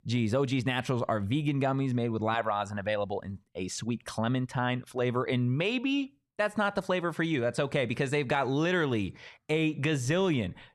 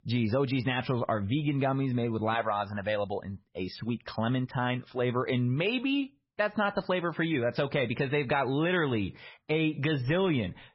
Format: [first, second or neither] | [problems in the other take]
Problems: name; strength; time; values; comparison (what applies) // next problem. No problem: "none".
first | garbled, watery; badly; nothing above 5.5 kHz